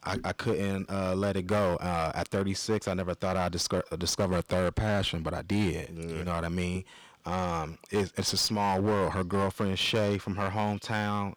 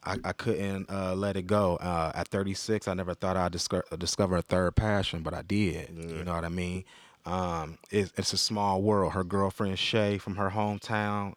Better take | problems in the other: second | distortion; slight; 8% of the sound clipped

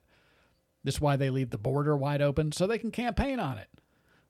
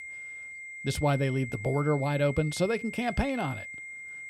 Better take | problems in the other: first | high-pitched whine; noticeable; throughout; 2 kHz, 10 dB below the speech

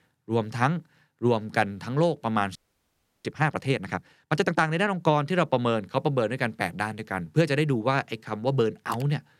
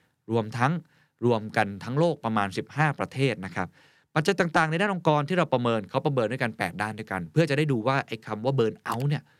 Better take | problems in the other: second | audio freezing; at 2.5 s for 0.5 s

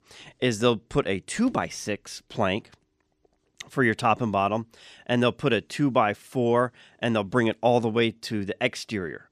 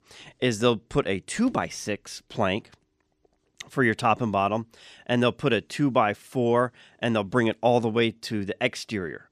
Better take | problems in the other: neither | none

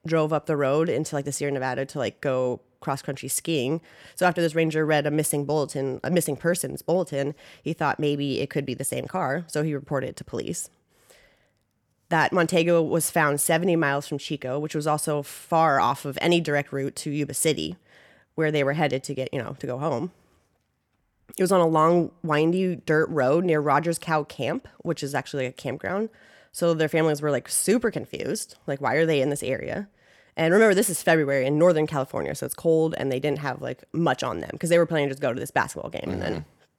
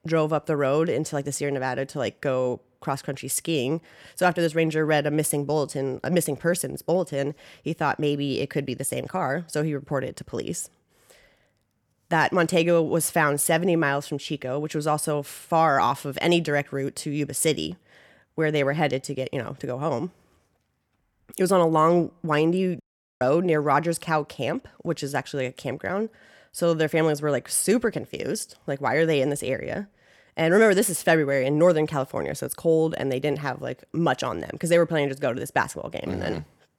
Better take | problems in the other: first | audio cutting out; at 23 s

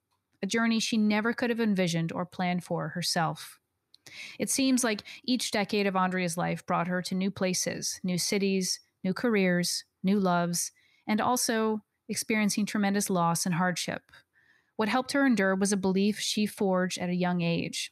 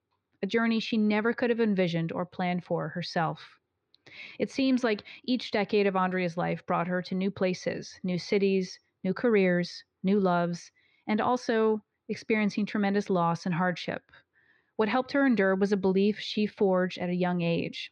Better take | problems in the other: first | muffled; slightly; fading above 4 kHz

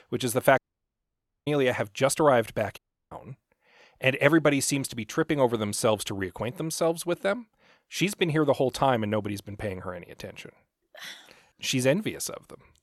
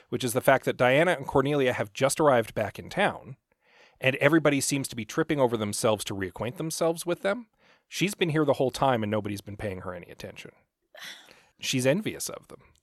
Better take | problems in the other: second | audio cutting out; at 0.5 s for 1 s and at 3 s

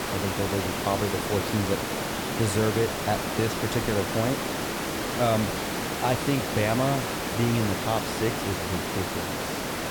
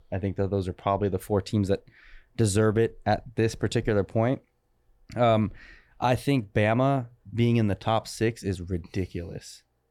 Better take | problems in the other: second | hiss; loud; throughout; as loud as the speech

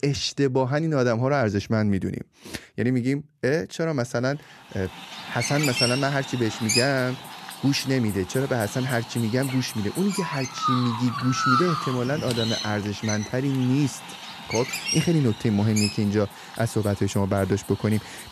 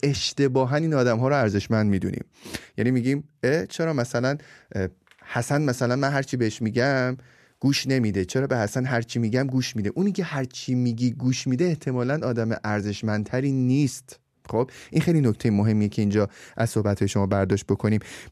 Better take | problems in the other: second | animal sounds; loud; from 5 s on; 5 dB below the speech

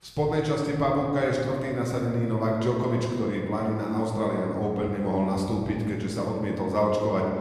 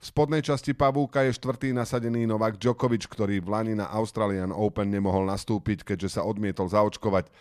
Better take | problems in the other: second | room echo; noticeable; dies away in 1.7 s // off-mic speech; somewhat distant

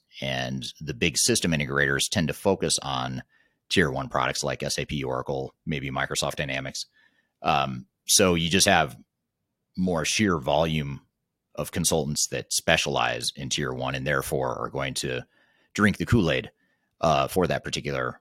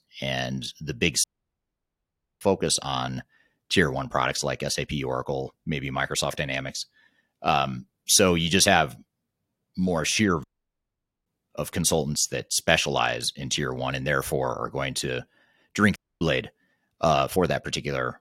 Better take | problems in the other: first | audio cutting out; at 1 s for 1 s, at 10 s for 1 s and at 16 s

